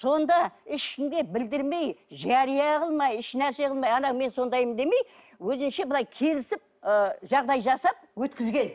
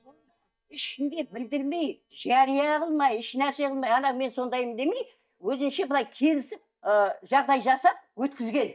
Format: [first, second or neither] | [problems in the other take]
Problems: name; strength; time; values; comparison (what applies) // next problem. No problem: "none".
first | noise reduction (neural mask model DeepFilterNet 3)